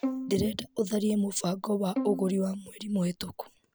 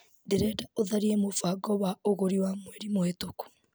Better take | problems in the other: second | background sound (Bowed string instrument); 8 dB below the speech

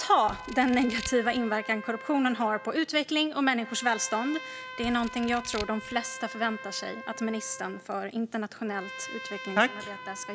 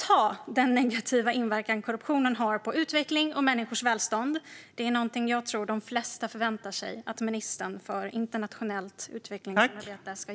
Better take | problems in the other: second | background sound (Scissors + Trumpet); 13 dB below the speech

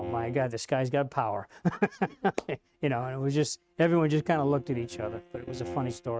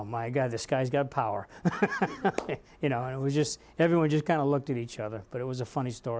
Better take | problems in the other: second | noise reduction (neural mask model RNNoise)

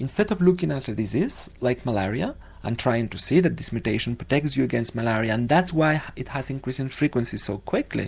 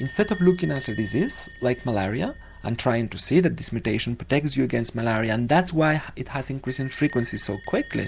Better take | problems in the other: first | background sound (Bell); 20 dB below the speech

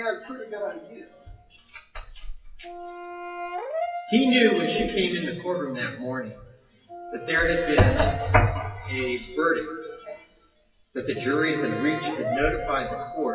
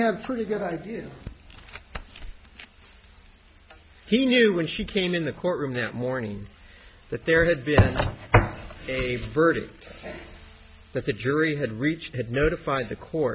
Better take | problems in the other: second | noise reduction (classical method WPE with log-MMSE)

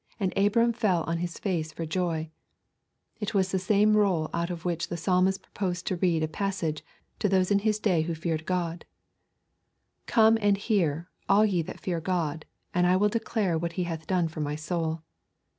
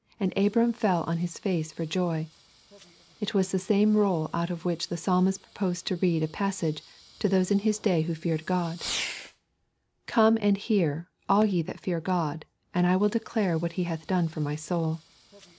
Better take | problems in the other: first | background sound (Fireworks); 20 dB below the speech

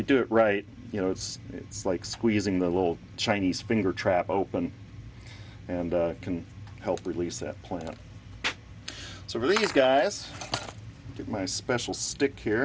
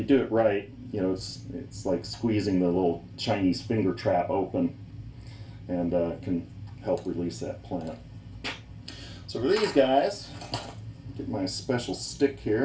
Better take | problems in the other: first | room echo; dies away in 0.3 s

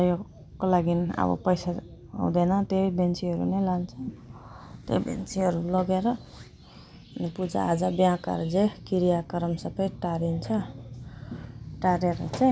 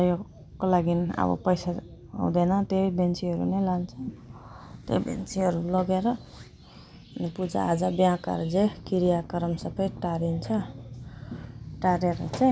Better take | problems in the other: first | background sound (Strum); 18 dB below the speech

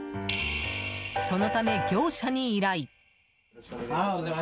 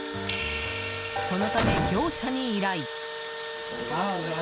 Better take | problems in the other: first | background sound (Engine / Drill + Boom); 3 dB below the speech

